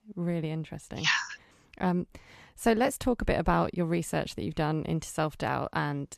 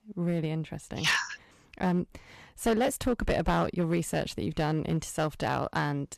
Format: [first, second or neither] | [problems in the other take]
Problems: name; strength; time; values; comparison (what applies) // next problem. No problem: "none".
first | distortion; slight; 4% of the sound clipped